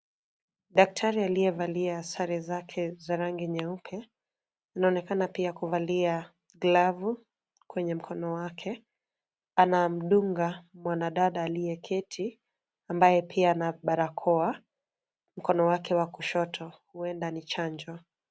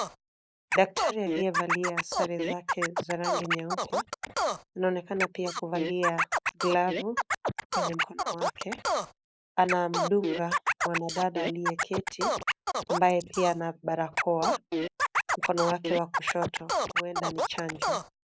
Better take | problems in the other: first | noise reduction (neural mask model Resemble Enhance denoiser)

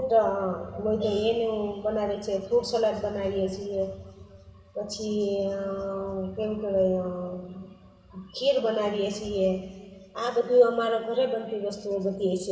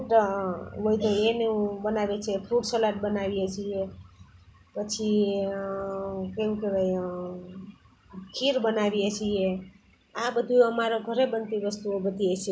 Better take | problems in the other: second | room echo; dies away in 2.2 s

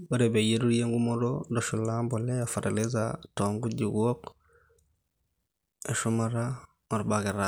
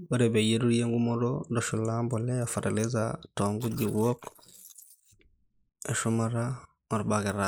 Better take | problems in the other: first | noise reduction (neural mask model Resemble Enhance denoiser)

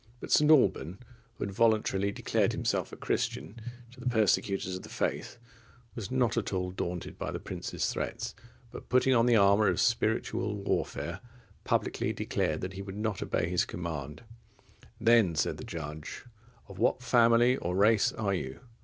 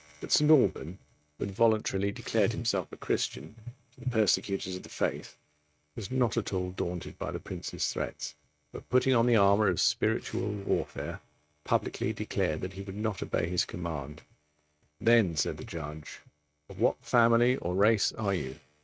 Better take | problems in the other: first | noise reduction (neural mask model RNNoise)

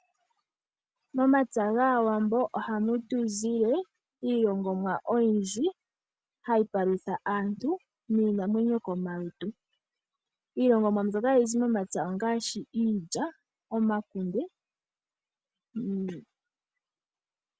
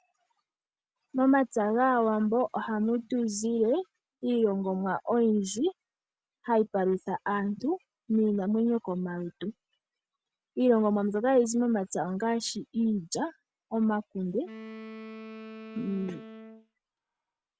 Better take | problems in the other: first | background sound (Wind instrument, woodwind instrument); 16 dB below the speech

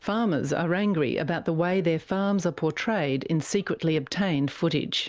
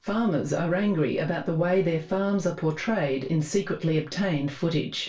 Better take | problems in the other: first | noise reduction (neural separator model SepFormer DNS4)

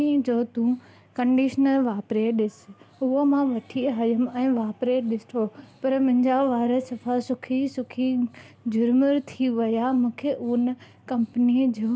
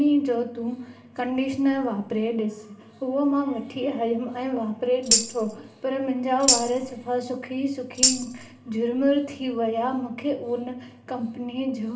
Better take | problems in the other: first | background sound (Tambourine); 2 dB above the speech // room echo; dies away in 0.8 s

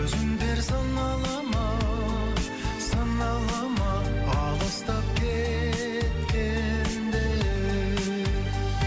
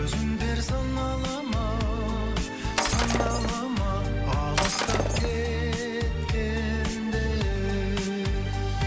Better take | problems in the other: first | background sound (Shatter); 5 dB below the speech

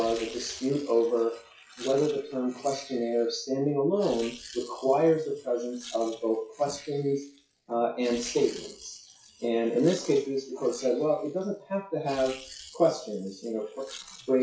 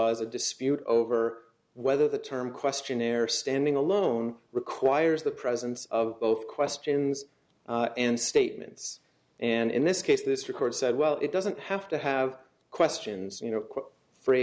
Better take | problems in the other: second | noise reduction (classical method WPE with log-MMSE)

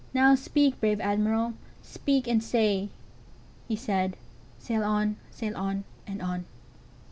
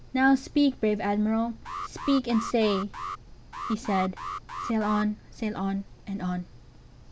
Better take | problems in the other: first | background sound (Alarm); 9 dB below the speech

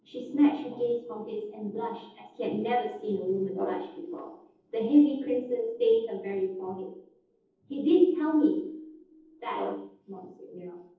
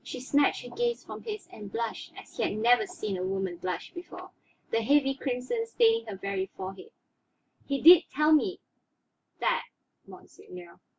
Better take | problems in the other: second | noise reduction (neural separator model SepFormer DNS4)

